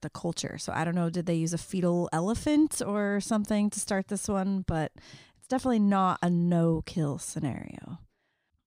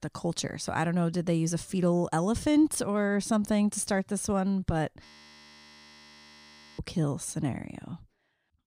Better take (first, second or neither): first